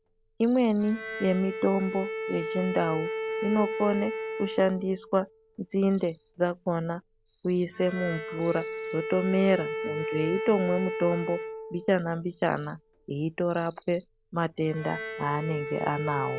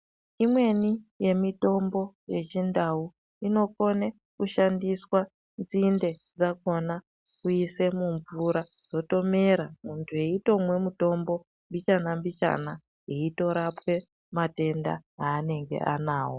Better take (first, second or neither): second